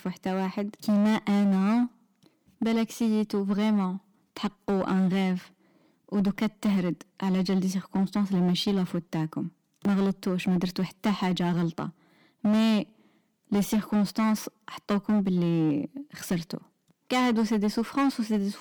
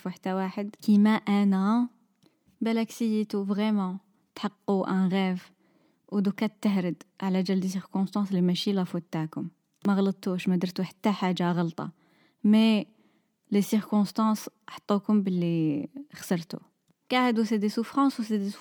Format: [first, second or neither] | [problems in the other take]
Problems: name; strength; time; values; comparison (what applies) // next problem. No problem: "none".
second | distortion; slight; 11% of the sound clipped